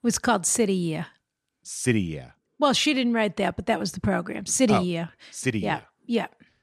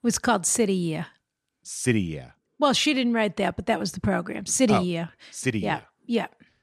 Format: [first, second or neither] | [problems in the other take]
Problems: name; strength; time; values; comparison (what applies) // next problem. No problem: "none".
neither | none